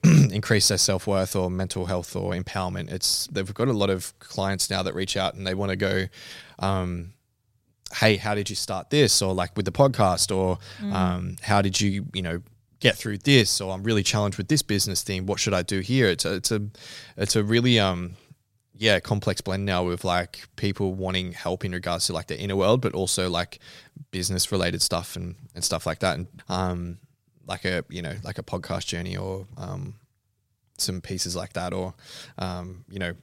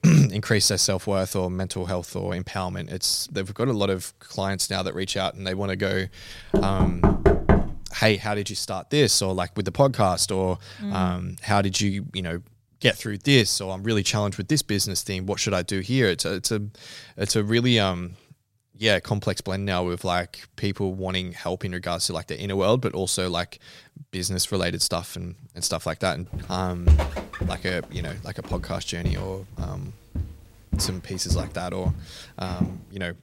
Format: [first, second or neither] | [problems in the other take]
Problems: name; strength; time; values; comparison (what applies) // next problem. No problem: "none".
first | door banging; loud; from 6.5 to 8 s; peak 6 dB above the speech // footsteps; loud; from 26 to 33 s; peak 4 dB above the speech